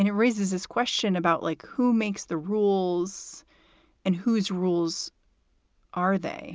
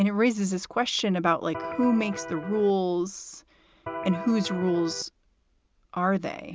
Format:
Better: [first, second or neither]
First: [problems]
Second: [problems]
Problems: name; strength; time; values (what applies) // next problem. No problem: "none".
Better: first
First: none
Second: background sound (Electric guitar); 9 dB below the speech